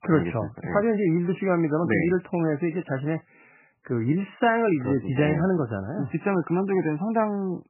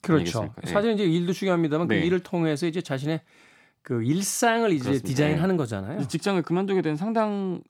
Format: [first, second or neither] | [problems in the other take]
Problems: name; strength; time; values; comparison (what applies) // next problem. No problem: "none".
second | garbled, watery; badly; nothing above 3 kHz